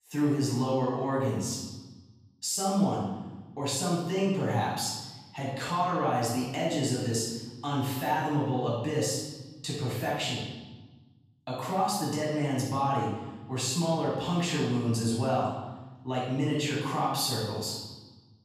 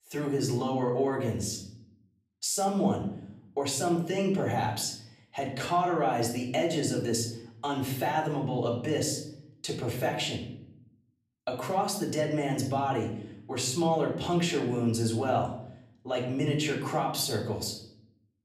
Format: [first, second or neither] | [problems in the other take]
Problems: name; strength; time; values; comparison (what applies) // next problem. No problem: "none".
second | room echo; strong; dies away in 1.1 s; slight in the second // off-mic speech; far; far in the second